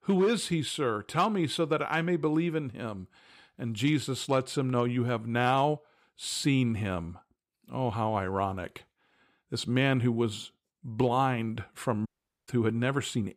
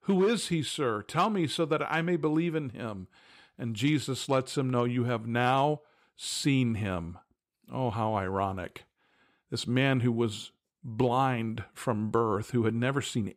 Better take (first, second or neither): second